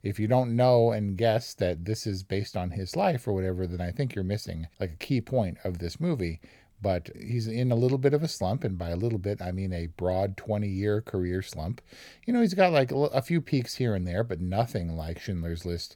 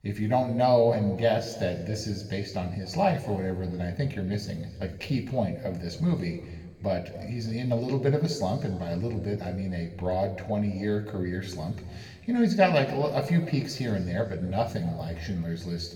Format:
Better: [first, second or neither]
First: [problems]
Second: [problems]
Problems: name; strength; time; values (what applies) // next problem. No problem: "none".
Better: first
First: none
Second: room echo; slight; dies away in 1.8 s // off-mic speech; somewhat distant